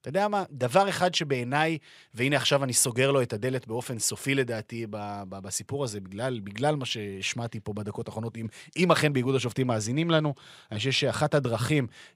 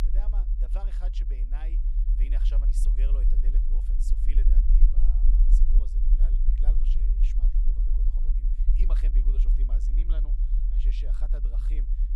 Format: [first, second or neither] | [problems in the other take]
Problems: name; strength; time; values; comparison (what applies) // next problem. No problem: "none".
first | low rumble; loud; throughout; as loud as the speech